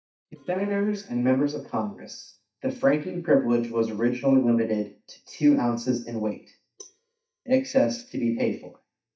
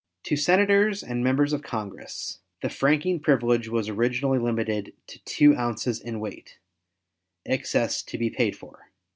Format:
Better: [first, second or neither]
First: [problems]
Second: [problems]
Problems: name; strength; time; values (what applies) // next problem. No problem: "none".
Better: second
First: noise reduction (neural mask model DeepFilterNet 3)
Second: none